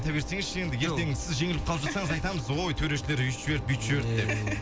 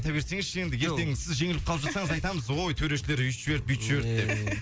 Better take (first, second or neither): second